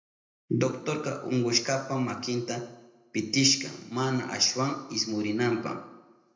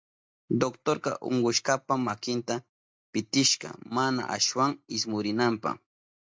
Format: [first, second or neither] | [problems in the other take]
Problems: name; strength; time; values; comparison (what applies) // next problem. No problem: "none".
second | room echo; dies away in 0.7 s